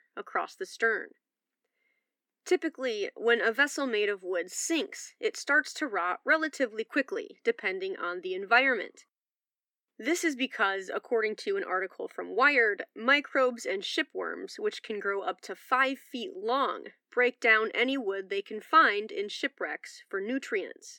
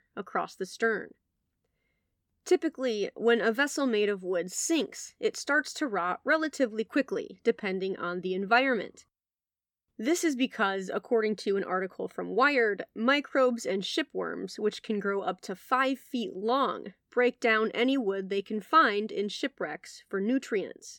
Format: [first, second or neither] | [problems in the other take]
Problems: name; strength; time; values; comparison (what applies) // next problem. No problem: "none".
second | thin; very slightly; fading below 250 Hz